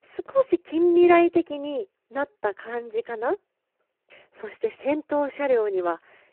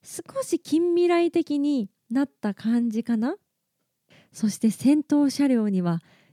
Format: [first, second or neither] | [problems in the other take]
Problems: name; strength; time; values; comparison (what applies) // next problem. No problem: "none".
second | phone-call audio; poor line